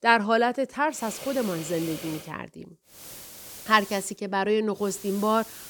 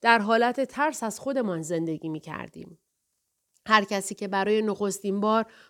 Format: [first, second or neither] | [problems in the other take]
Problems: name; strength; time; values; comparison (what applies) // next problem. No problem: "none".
second | hiss; noticeable; from 1 to 2 s, from 3 to 4 s and at 5 s; 15 dB below the speech